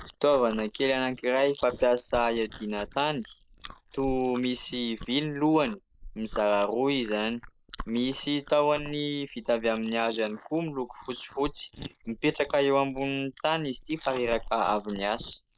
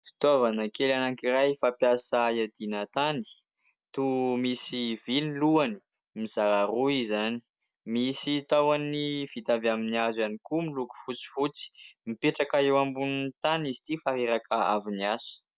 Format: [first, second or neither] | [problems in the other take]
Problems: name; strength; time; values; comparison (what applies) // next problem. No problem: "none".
second | noise reduction (neural mask model Resemble Enhance denoiser)